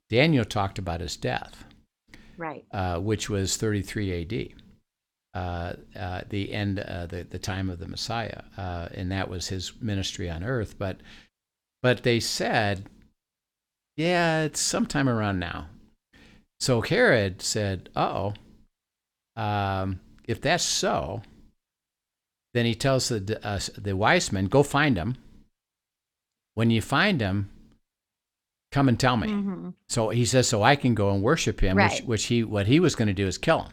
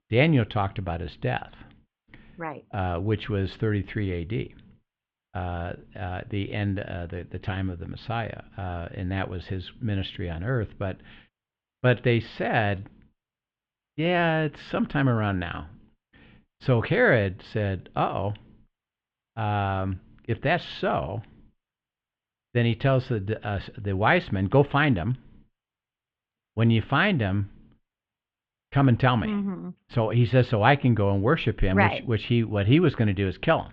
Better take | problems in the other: first | muffled; very; fading above 3 kHz

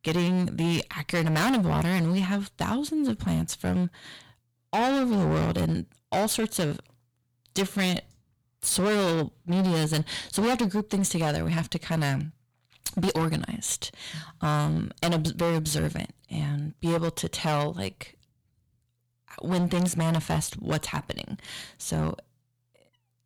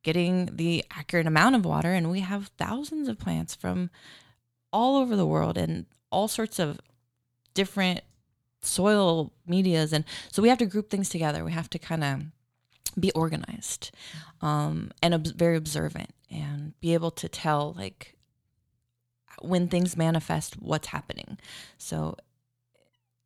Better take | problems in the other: second | distortion; heavy; 14% of the sound clipped

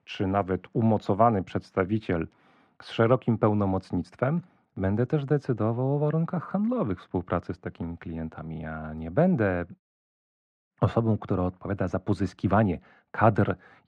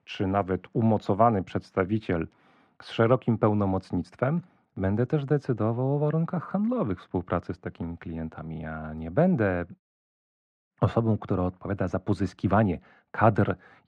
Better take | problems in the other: neither | muffled; very; fading above 2 kHz; the same in both

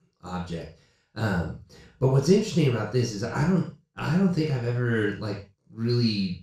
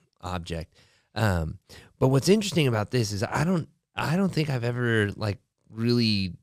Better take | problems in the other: second | room echo; noticeable; dies away in 0.3 s // off-mic speech; far

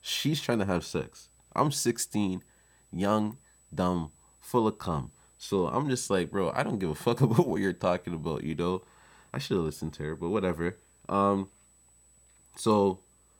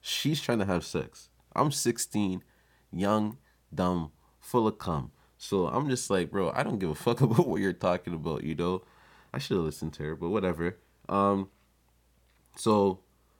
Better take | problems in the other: second | high-pitched whine; faint; throughout; 8 kHz, 30 dB below the speech

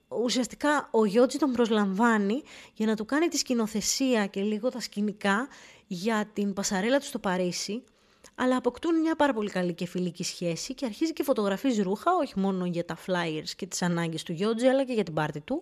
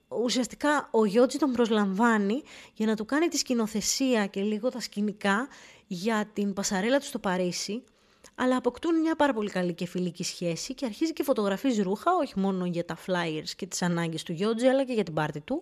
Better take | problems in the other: neither | none

